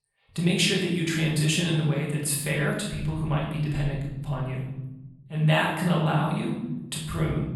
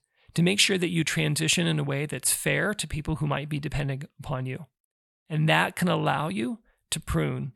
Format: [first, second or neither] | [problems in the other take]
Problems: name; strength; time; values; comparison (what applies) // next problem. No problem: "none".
second | off-mic speech; far // room echo; noticeable; dies away in 1.3 s